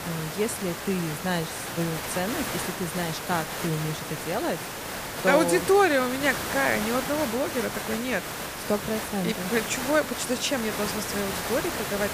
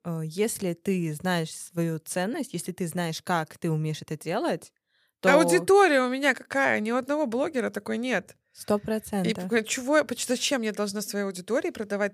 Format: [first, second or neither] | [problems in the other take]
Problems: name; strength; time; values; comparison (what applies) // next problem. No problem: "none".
second | hiss; loud; throughout; 4 dB below the speech